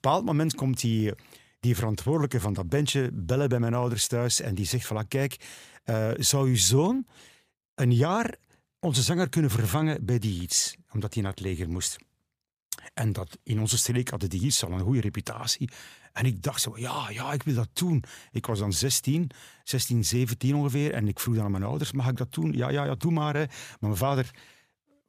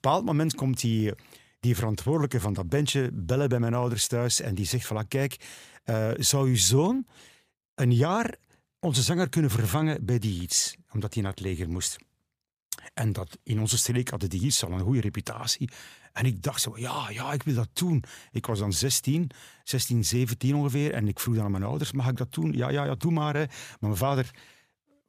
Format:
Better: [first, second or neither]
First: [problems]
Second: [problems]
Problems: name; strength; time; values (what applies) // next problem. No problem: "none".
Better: neither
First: none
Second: none